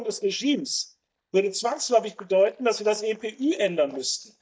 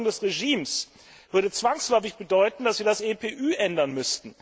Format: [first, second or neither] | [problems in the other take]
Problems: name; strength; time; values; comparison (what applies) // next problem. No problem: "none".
second | noise reduction (neural mask model DeepFilterNet 3)